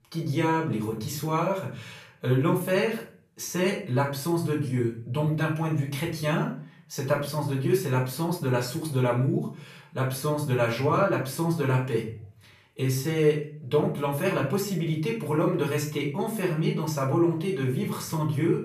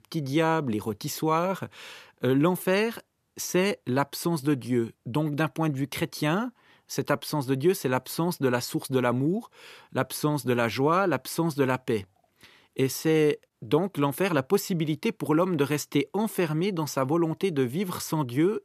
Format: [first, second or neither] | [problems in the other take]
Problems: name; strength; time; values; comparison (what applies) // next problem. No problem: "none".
second | off-mic speech; far // room echo; slight; dies away in 0.4 s